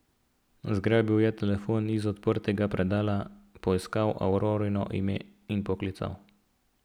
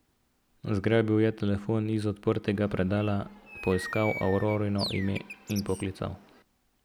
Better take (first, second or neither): first